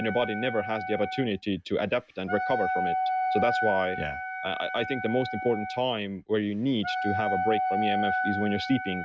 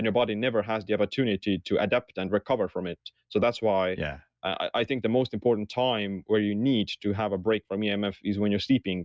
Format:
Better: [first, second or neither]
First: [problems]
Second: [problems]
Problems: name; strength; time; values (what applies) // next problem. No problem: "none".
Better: second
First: background sound (Wind instrument, woodwind instrument); 2 dB below the speech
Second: none